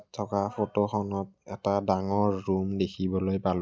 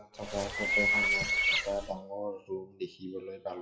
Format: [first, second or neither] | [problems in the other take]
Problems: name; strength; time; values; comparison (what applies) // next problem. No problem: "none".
first | noise reduction (classical method WPE with log-MMSE)